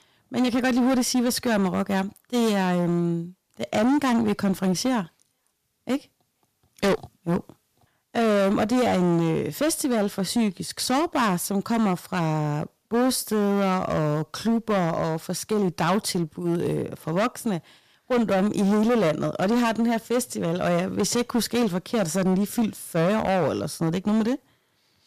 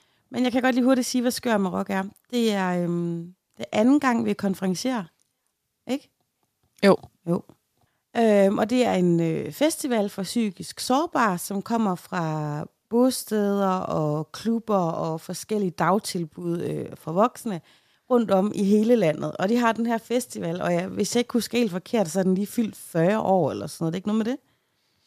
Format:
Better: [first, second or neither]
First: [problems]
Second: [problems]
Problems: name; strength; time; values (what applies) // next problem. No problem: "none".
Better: second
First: distortion; heavy; 14% of the sound clipped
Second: none